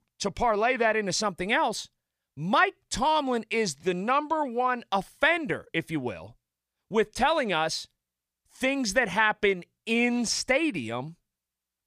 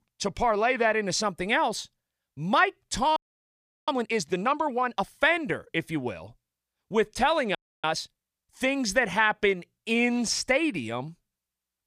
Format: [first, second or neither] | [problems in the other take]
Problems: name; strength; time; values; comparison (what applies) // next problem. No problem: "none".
first | audio freezing; at 3 s for 0.5 s and at 7.5 s